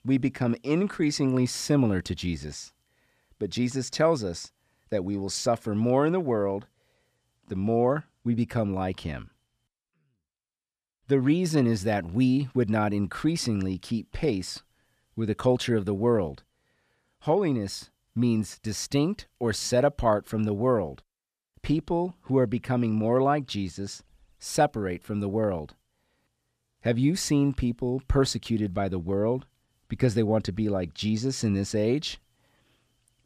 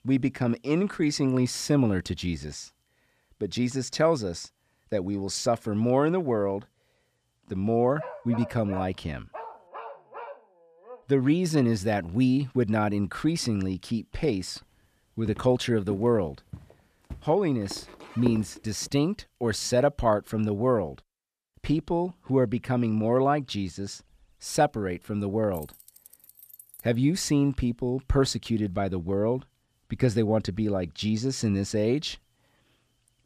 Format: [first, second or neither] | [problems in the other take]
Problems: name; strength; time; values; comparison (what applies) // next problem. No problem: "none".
first | dog barking; faint; from 8 to 11 s; peak 10 dB below the speech // footsteps; noticeable; from 15 to 18 s; peak 8 dB below the speech // jangling keys; faint; from 26 to 27 s; peak 20 dB below the speech